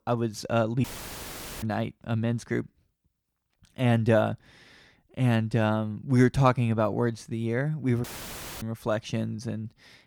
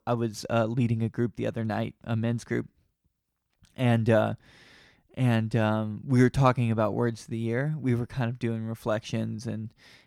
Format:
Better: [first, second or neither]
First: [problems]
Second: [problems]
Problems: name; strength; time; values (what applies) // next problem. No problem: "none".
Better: second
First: audio cutting out; filled with static; at 1 s for 1 s and at 8 s for 0.5 s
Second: none